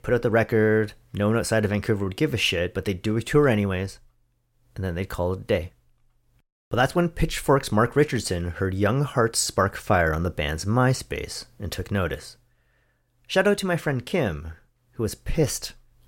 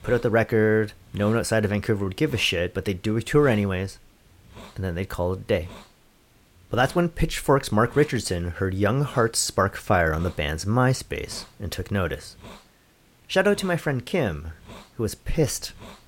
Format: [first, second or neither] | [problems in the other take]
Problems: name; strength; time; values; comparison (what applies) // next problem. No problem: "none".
first | hiss; faint; throughout; 25 dB below the speech